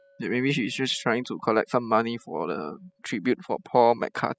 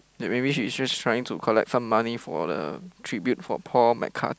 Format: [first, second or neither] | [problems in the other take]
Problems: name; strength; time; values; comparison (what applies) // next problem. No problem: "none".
second | noise reduction (classical method spectral subtraction)